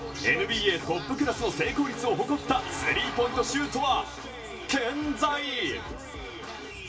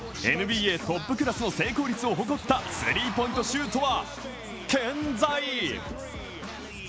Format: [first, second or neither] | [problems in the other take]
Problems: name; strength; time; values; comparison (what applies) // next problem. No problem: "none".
second | background sound (Alarm / Ocean / Boat, Water vehicle); 16 dB below the speech // room echo; dies away in 0.2 s